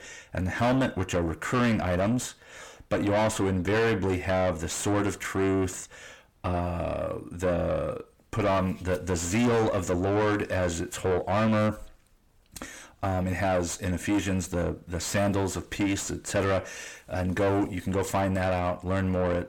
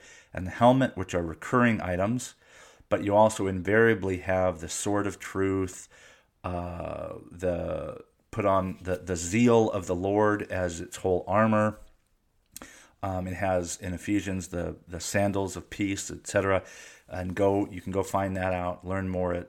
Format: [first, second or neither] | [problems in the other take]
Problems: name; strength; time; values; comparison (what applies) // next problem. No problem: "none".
second | distortion; heavy; 5 dB below the speech